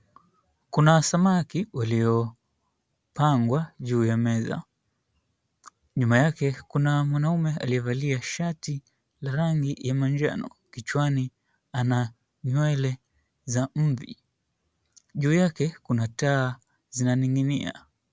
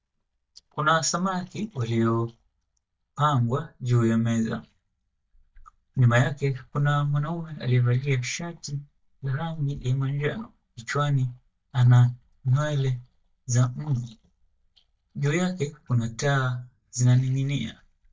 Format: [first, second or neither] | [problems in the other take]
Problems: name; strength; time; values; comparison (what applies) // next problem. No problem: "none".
first | noise reduction (neural mask model DeepFilterNet 3)